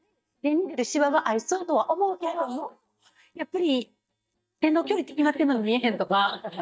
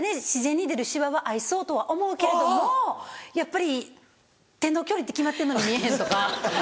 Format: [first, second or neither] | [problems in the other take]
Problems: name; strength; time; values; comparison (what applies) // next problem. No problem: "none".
second | noise reduction (neural mask model DeepFilterNet 3)